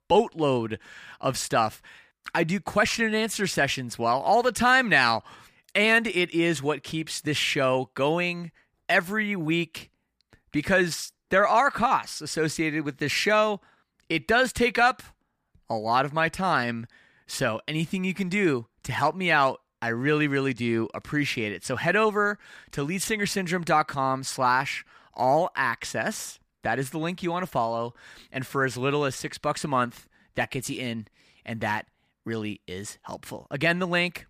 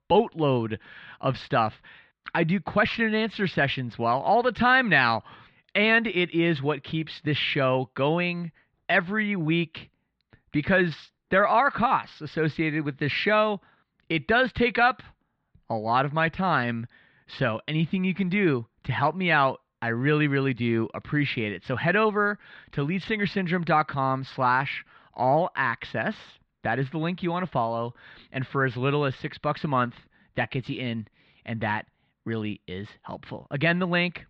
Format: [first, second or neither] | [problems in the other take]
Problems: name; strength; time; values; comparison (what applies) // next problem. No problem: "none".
first | muffled; slightly; fading above 4 kHz